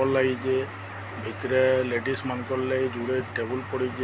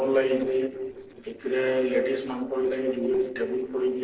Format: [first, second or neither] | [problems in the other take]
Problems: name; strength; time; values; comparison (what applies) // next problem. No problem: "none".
first | noise reduction (neural separator model SepFormer DNS4)